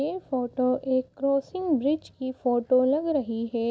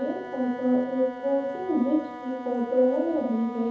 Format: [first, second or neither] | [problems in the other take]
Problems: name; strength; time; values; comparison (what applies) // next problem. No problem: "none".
first | background sound (Wind instrument, woodwind instrument); 13 dB below the speech // room echo; dies away in 0.8 s